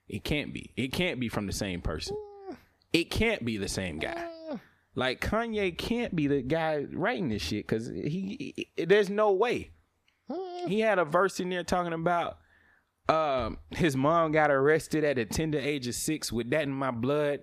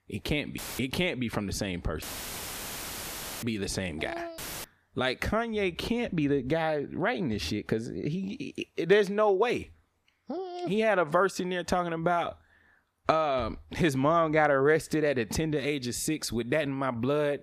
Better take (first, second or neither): first